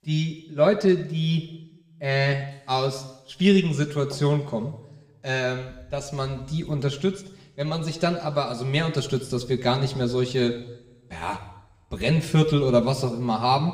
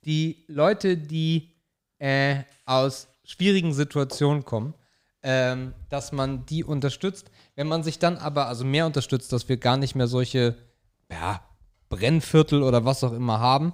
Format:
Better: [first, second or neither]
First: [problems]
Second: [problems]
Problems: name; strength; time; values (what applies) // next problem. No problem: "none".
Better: second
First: room echo; very slight; dies away in 0.8 s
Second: none